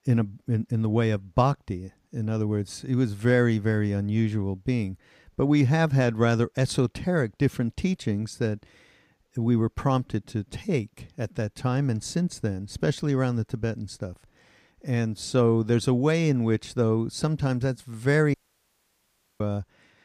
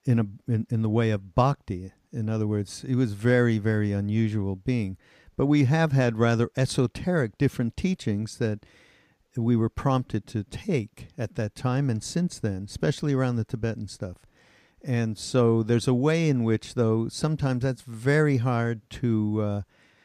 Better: second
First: audio cutting out; at 18 s for 1 s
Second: none

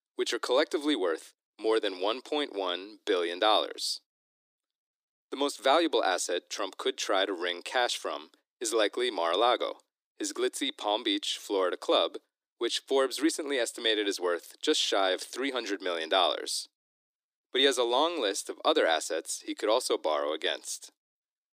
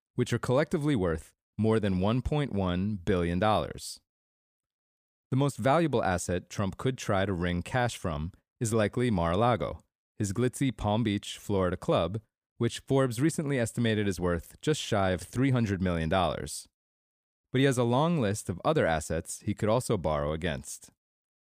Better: second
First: thin; somewhat; fading below 300 Hz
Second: none

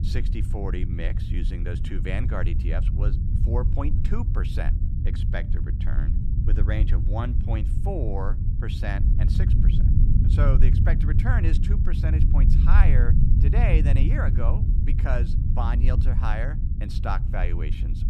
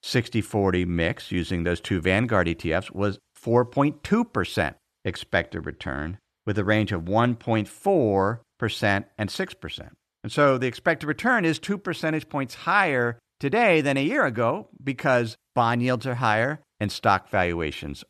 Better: second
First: low rumble; loud; throughout; 4 dB below the speech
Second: none

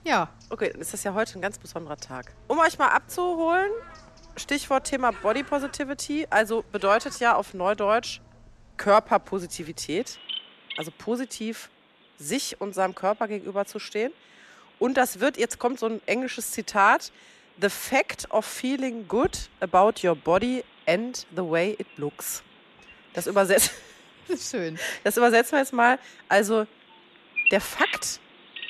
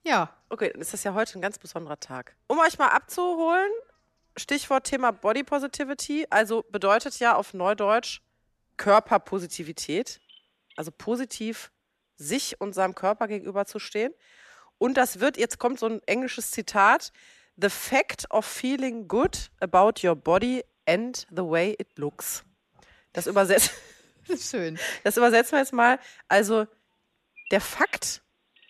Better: second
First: animal sounds; loud; throughout; 7 dB below the speech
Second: animal sounds; faint; throughout; 30 dB below the speech

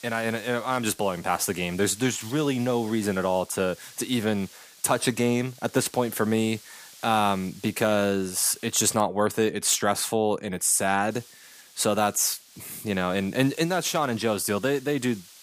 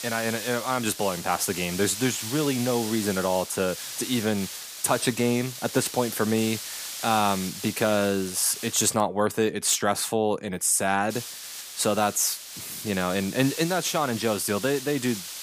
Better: first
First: hiss; faint; until 9 s and from 11 s on; 20 dB below the speech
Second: hiss; loud; until 9 s and from 11 s on; 9 dB below the speech

